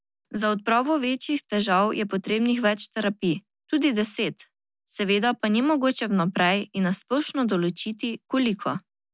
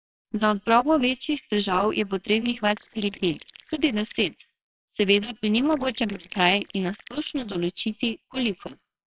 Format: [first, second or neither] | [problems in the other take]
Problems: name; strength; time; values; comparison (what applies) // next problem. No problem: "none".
first | noise reduction (neural separator model SepFormer WHAMR!)